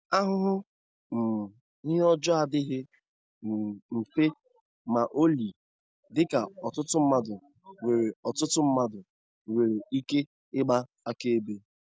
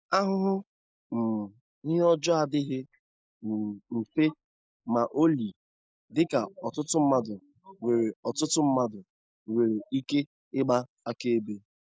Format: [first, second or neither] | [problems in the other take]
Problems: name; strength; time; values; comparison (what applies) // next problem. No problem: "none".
first | noise reduction (neural mask model Resemble Enhance denoiser)